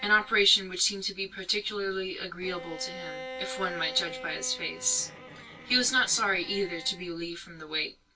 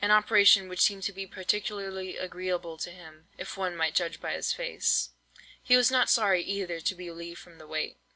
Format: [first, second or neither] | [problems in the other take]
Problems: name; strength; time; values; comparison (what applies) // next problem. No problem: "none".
second | background sound (Bowed string instrument); 14 dB below the speech // room echo; dies away in 0.1 s